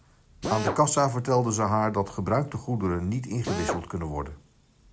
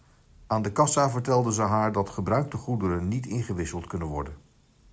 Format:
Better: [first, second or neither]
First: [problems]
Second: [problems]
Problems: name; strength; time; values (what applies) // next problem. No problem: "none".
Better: second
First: background sound (Drill); 11 dB below the speech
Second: none